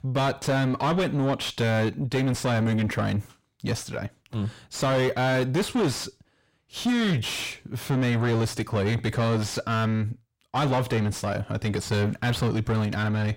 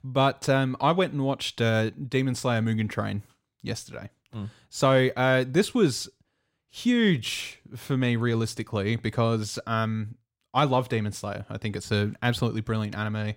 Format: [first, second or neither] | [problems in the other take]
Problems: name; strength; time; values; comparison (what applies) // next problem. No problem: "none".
second | distortion; heavy; 5 dB below the speech